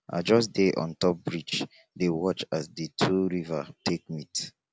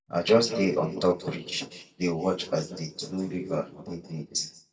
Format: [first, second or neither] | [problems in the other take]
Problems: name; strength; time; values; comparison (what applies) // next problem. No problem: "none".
first | noise reduction (neural mask model DeepFilterNet 3)